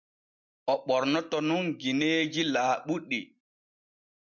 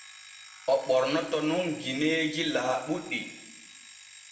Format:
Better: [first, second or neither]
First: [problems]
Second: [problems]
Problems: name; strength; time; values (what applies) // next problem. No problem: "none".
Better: first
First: none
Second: background sound (Alarm); 19 dB below the speech // room echo; dies away in 1 s